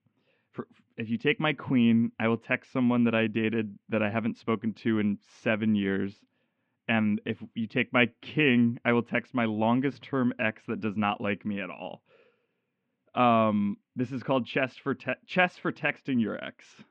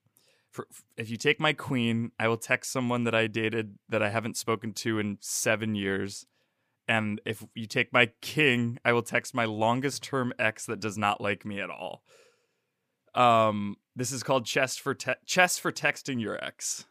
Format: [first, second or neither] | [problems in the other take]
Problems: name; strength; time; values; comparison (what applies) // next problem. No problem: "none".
second | muffled; very; fading above 3 kHz